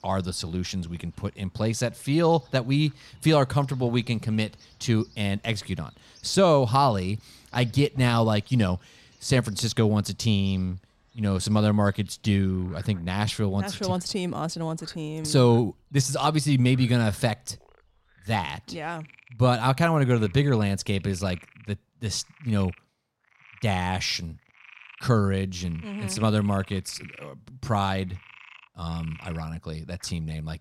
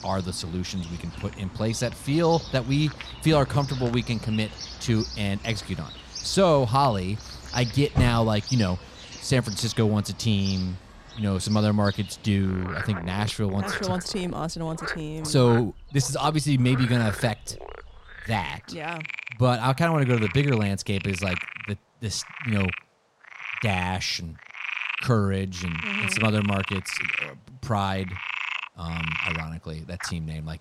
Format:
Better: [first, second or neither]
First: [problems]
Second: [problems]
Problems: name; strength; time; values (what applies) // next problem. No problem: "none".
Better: first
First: animal sounds; faint; throughout; 25 dB below the speech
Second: animal sounds; loud; throughout; 8 dB below the speech